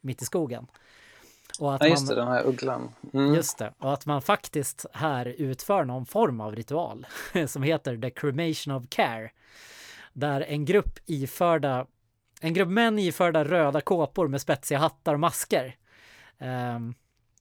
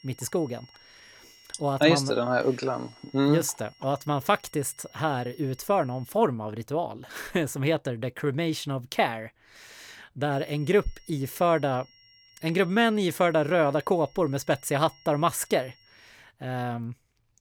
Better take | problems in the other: first | high-pitched whine; faint; until 6 s and from 10 to 16 s; 5.5 kHz, 30 dB below the speech

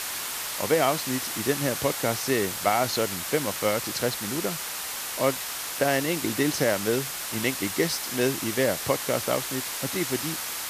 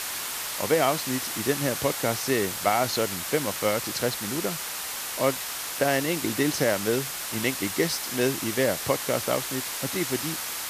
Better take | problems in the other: neither | hiss; loud; throughout; 3 dB below the speech; the same in both

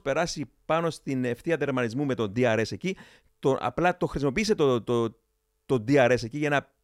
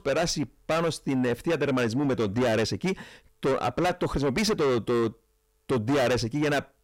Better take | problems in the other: first | distortion; heavy; 6 dB below the speech

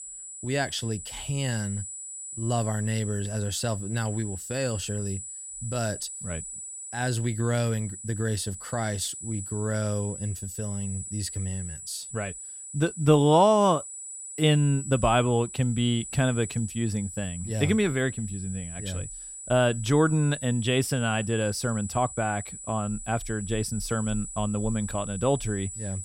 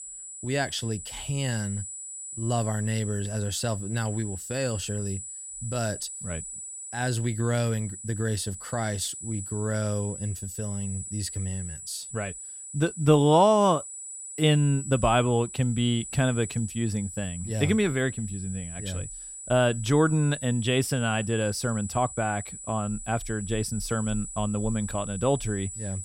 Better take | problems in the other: neither | high-pitched whine; loud; throughout; 8 kHz, 9 dB below the speech; the same in both

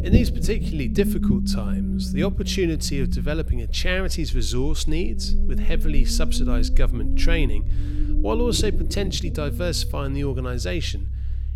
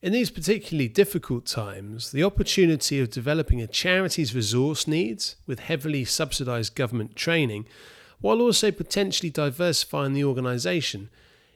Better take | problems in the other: second | low rumble; loud; throughout; 8 dB below the speech

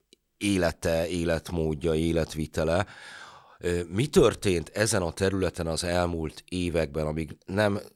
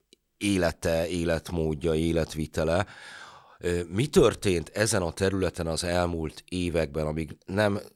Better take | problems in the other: neither | none

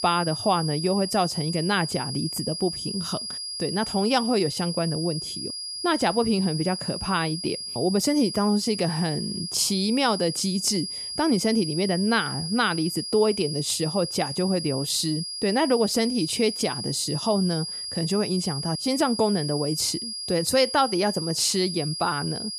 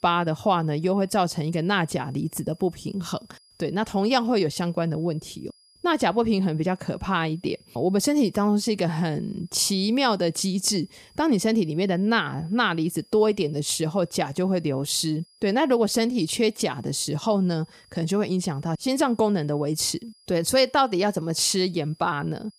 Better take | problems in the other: second | high-pitched whine; loud; throughout; 5 kHz, 6 dB below the speech; faint in the second

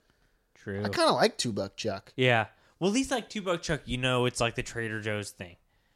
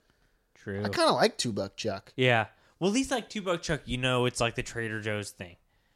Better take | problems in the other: neither | none

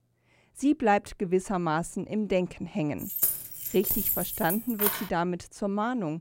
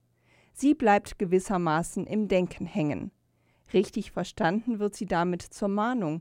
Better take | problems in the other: second | jangling keys; loud; from 3 to 5 s; peak 4 dB above the speech

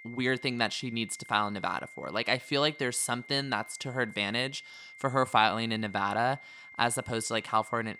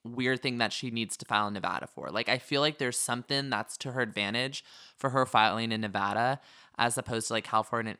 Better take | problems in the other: second | high-pitched whine; noticeable; throughout; 2 kHz, 20 dB below the speech

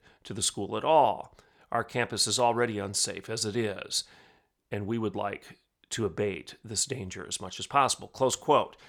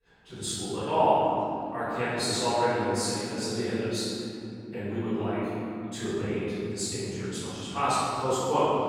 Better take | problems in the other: first | off-mic speech; far // room echo; strong; dies away in 3 s

